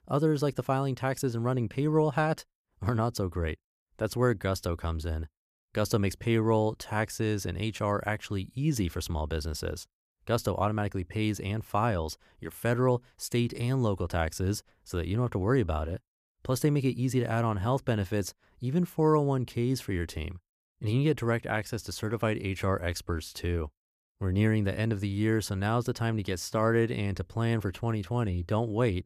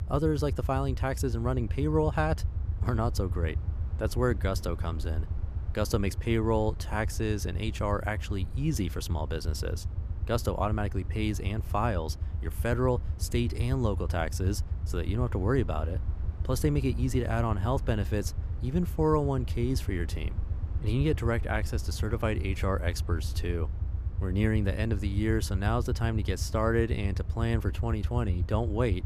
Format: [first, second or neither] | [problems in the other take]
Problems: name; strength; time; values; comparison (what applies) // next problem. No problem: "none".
first | low rumble; noticeable; throughout; 15 dB below the speech